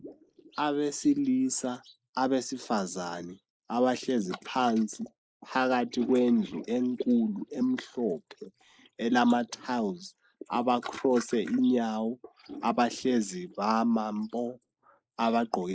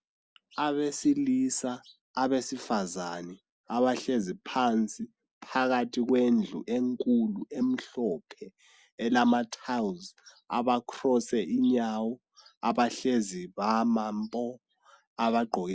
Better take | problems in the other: second | noise reduction (neural mask model Resemble Enhance denoiser)

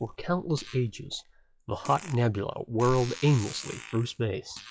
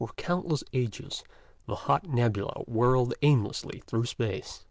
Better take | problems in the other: second | noise reduction (classical method log-MMSE)

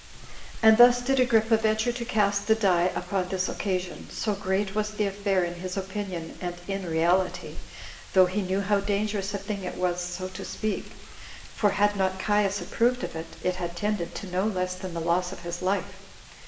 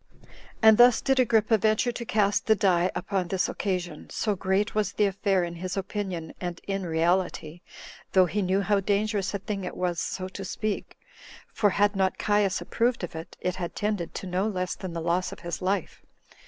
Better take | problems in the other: second | background sound (Wind); 16 dB below the speech // room echo; dies away in 0.8 s

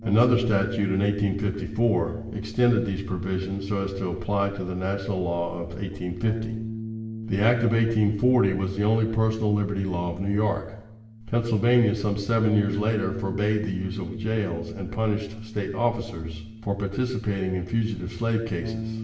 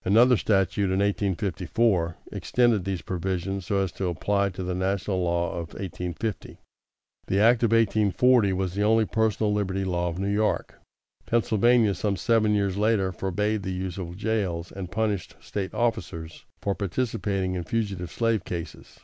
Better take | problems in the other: second | background sound (Bass guitar); 11 dB below the speech // room echo; dies away in 0.8 s

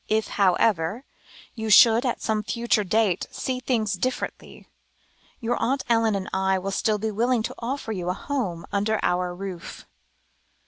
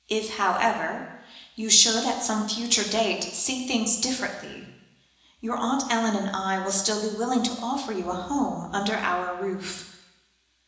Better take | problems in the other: first | room echo; dies away in 1 s

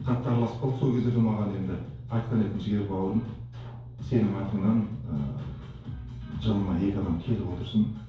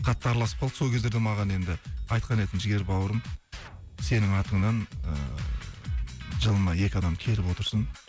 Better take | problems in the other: second | room echo; dies away in 2.4 s

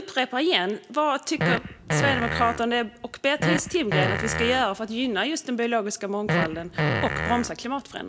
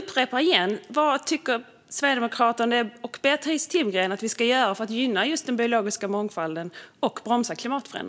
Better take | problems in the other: second | background sound (Fart); 1 dB below the speech

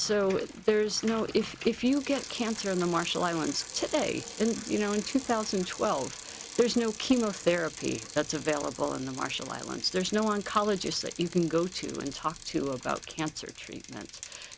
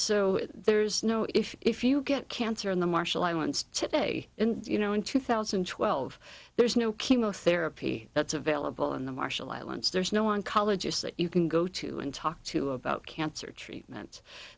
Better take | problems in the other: second | background sound (Bicycle); 13 dB below the speech

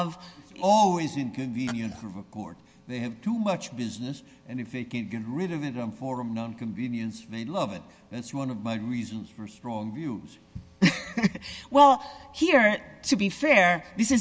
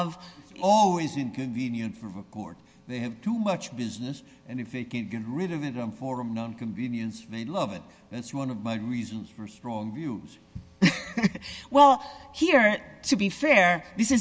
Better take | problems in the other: second | background sound (Glass); 15 dB below the speech

